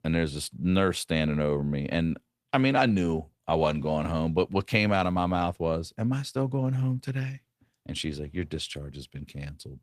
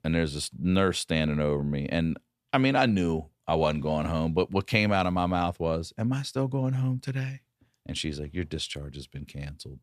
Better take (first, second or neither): second